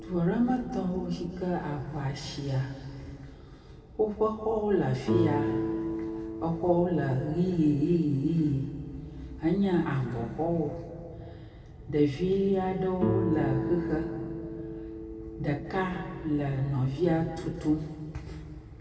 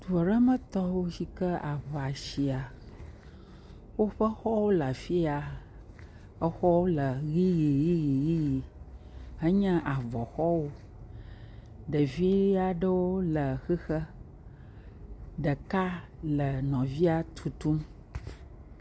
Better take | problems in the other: second | background sound (Guitar); 8 dB below the speech // room echo; dies away in 2.3 s

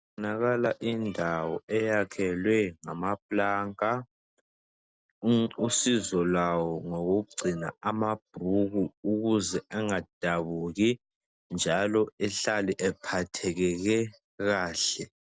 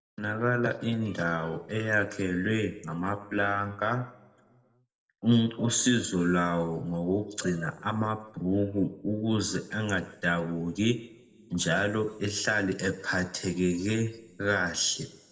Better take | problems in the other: first | room echo; dies away in 0.9 s

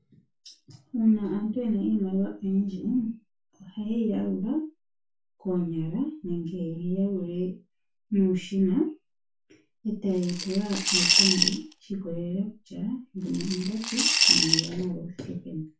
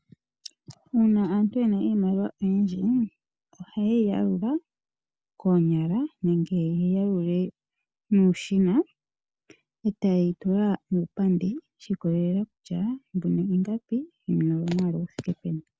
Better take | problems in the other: second | background sound (Coin (dropping) / Glass); 4 dB above the speech // room echo; dies away in 0.2 s

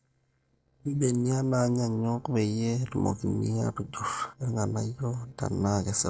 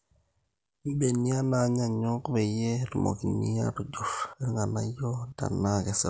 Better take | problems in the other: second | noise reduction (neural separator model SepFormer DNS4)

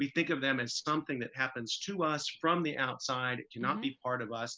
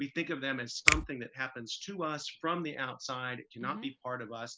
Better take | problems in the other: first | background sound (Finger snapping); 3 dB above the speech

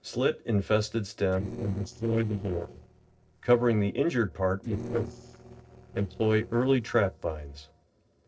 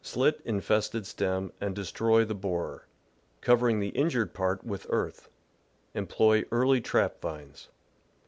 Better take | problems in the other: second | noise reduction (neural separator model SepFormer DNS4)

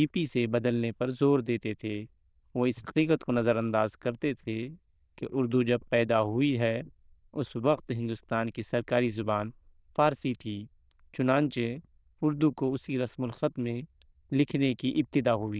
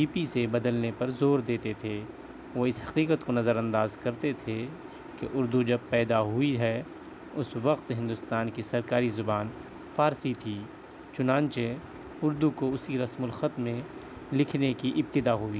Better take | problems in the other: second | noise reduction (neural diffusion model UNIVERSE++)

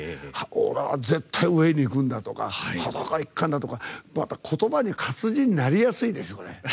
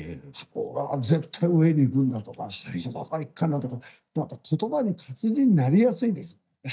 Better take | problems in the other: first | noise reduction (neural mask model DeepFilterNet 3)

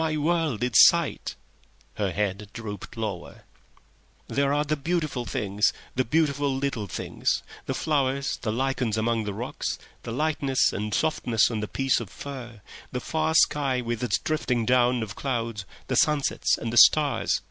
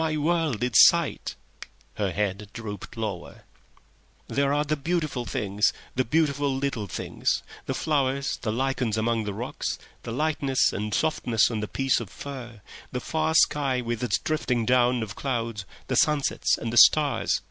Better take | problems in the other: first | background sound (Finger snapping); 17 dB below the speech

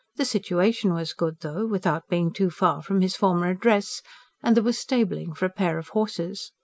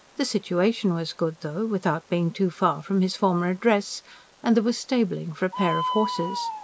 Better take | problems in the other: first | background sound (Bird); 11 dB below the speech

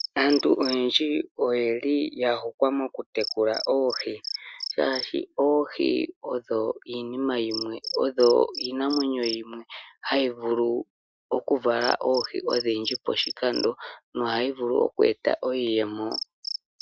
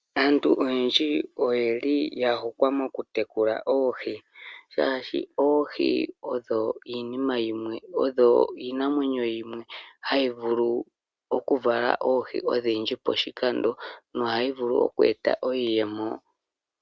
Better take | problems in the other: second | noise reduction (classical method Wiener filter)

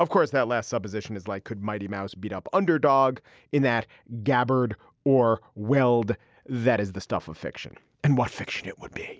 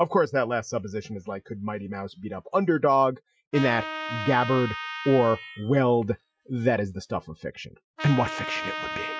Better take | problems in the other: first | noise reduction (classical method Wiener filter)

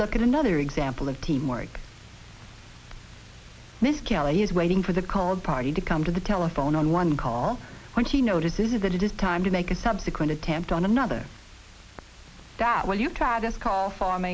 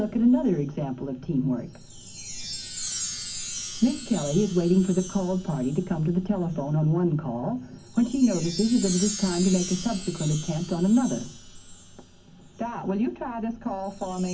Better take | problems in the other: first | background sound (Chime); 12 dB below the speech // room echo; dies away in 0.3 s

